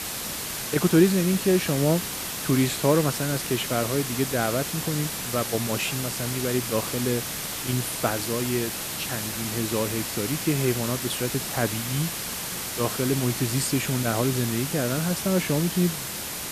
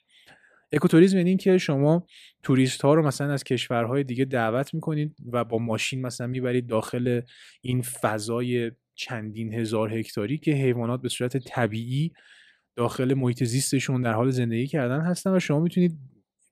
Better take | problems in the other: second | hiss; loud; throughout; 3 dB below the speech

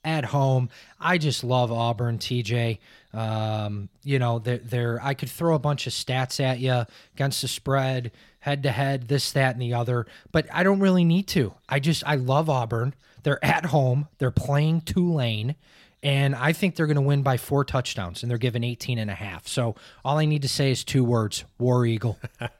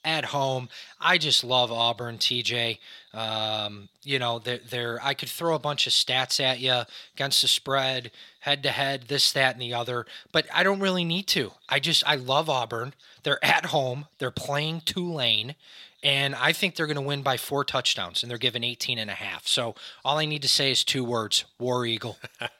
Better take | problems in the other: first | thin; somewhat; fading below 600 Hz

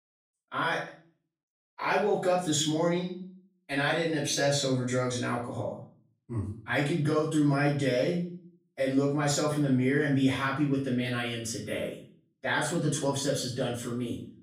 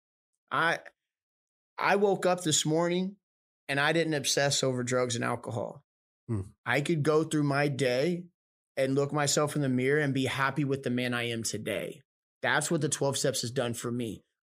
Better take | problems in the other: second | room echo; noticeable; dies away in 0.4 s // off-mic speech; far

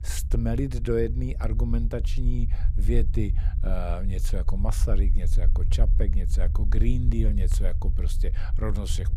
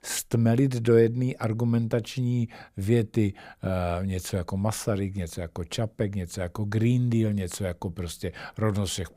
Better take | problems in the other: second | low rumble; noticeable; throughout; 10 dB below the speech

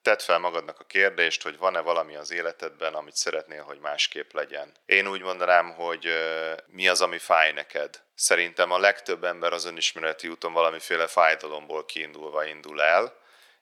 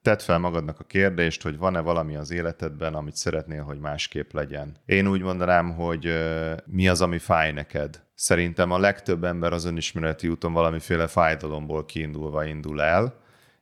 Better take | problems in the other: second | thin; very; fading below 450 Hz

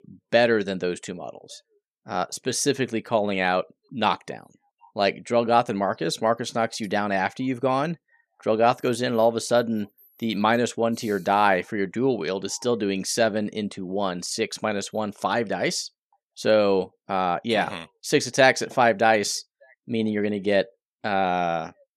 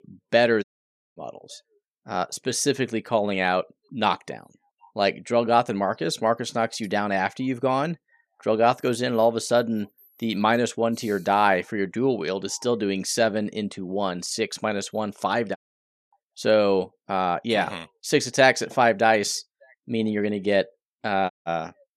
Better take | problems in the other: first | audio cutting out; at 0.5 s for 0.5 s, at 16 s for 0.5 s and at 21 s

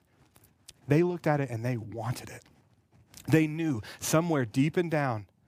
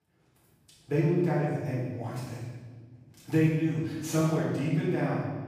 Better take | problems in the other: first | off-mic speech; far // room echo; strong; dies away in 1.3 s

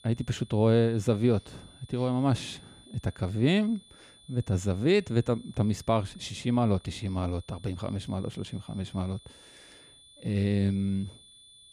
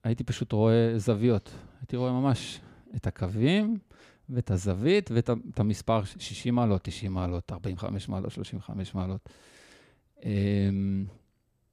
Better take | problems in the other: second | high-pitched whine; faint; throughout; 3.5 kHz, 25 dB below the speech

